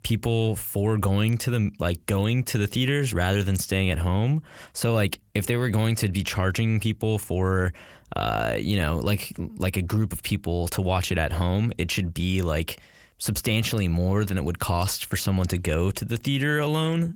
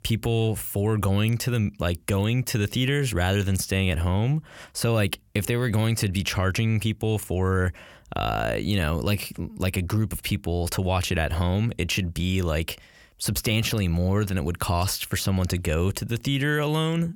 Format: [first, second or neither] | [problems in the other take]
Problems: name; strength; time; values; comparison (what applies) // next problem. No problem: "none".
second | garbled, watery; slightly; nothing above 17 kHz